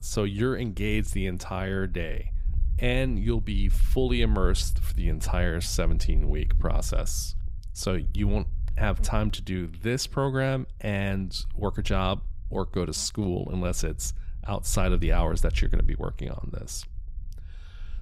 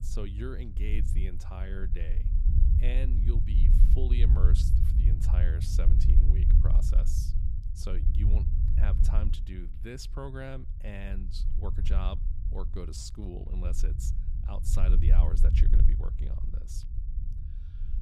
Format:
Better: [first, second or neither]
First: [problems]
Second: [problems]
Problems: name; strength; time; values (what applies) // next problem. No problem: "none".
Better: first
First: low rumble; faint; throughout; 20 dB below the speech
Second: low rumble; loud; throughout; 3 dB below the speech